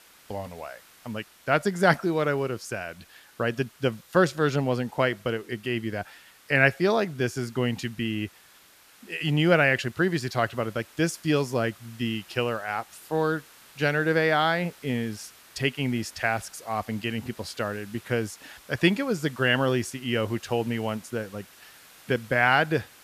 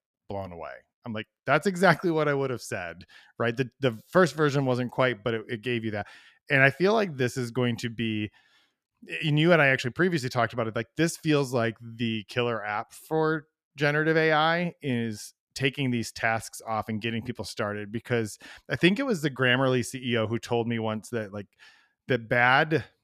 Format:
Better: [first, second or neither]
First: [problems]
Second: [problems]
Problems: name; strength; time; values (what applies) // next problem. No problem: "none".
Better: second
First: hiss; faint; throughout; 25 dB below the speech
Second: none